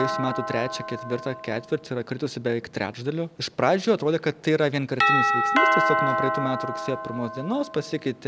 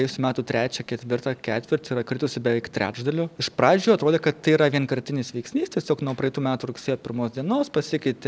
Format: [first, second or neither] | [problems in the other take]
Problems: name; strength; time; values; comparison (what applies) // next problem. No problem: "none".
second | background sound (Doorbell); 1 dB below the speech